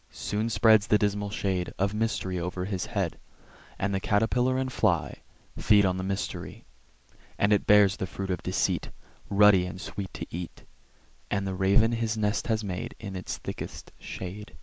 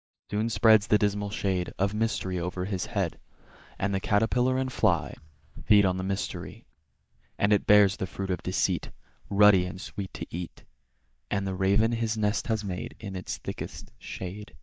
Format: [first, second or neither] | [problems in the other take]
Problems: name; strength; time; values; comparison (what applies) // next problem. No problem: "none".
first | noise reduction (neural mask model DeepFilterNet 3)